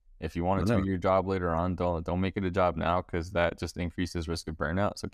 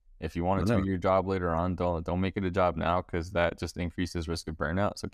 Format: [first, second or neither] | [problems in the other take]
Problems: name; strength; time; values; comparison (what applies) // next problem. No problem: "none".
neither | none